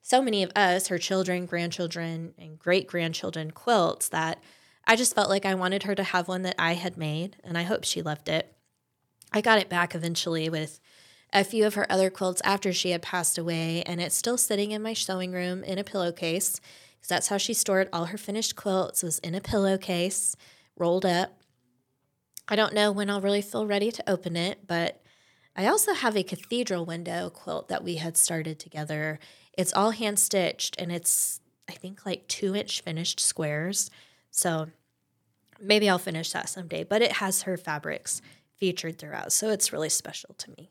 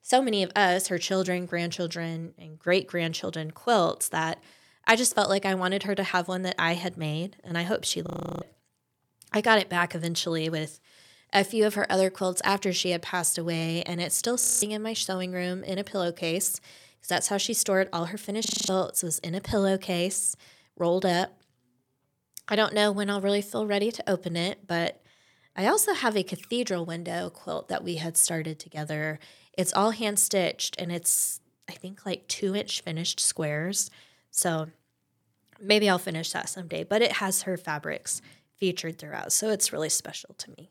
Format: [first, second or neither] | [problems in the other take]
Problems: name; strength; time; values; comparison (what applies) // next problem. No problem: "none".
first | audio freezing; at 8 s, at 14 s and at 18 s